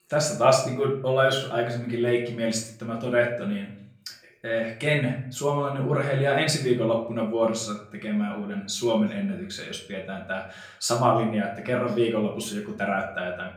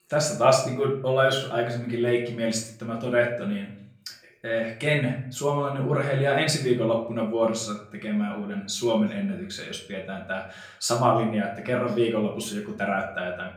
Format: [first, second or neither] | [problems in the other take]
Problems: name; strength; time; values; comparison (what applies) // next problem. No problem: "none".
neither | off-mic speech; far; the same in both // room echo; slight; dies away in 0.5 s; the same in both